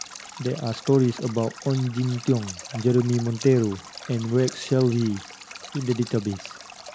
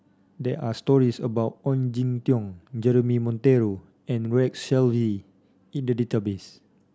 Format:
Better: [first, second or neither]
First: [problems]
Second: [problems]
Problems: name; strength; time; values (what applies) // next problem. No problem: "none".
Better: second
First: background sound (Stream); 16 dB below the speech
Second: none